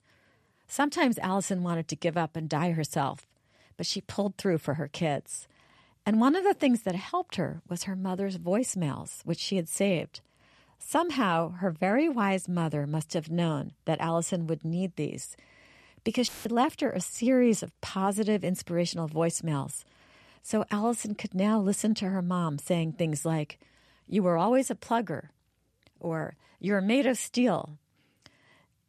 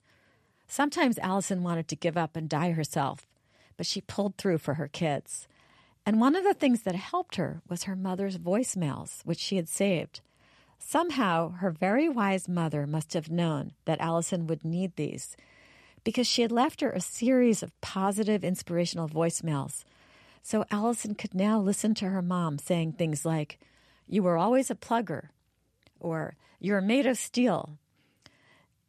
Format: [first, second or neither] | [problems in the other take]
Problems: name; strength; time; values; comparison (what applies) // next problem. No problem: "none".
second | audio cutting out; filled with static; at 16 s